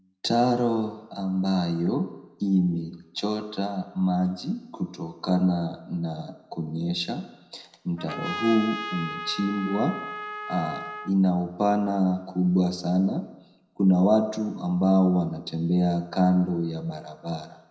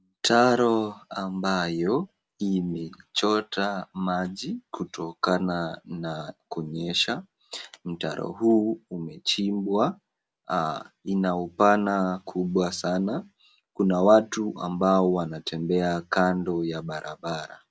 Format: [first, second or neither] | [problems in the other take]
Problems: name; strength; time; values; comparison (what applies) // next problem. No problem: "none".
second | background sound (Trumpet); 9 dB below the speech // room echo; dies away in 0.7 s